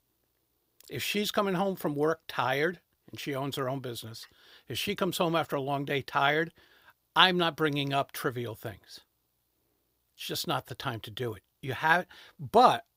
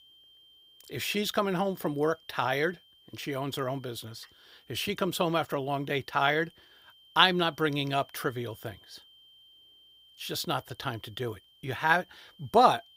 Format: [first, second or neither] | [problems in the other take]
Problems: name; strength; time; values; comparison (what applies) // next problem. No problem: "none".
first | high-pitched whine; faint; throughout; 3 kHz, 30 dB below the speech